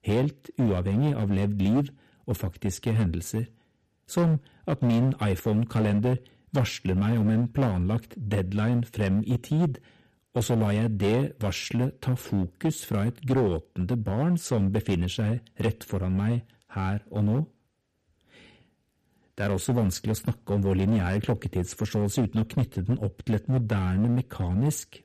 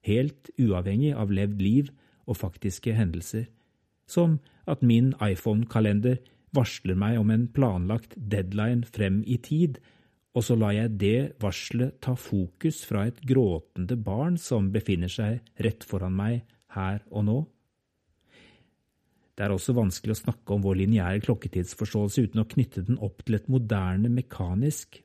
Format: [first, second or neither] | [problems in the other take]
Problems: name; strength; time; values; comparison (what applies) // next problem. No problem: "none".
second | distortion; slight; 9% of the sound clipped